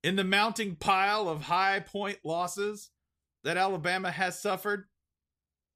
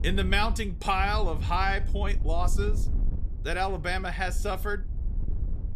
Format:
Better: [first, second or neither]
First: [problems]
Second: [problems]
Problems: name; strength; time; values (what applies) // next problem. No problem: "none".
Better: first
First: none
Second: wind noise on the microphone; occasional gusts; 20 dB below the speech